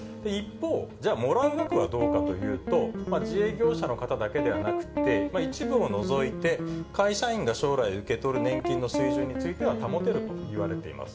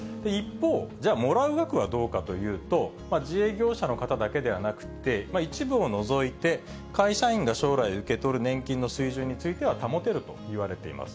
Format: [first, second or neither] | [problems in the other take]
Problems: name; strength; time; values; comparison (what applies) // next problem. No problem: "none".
second | background sound (Guitar); 2 dB below the speech // room echo; dies away in 0.4 s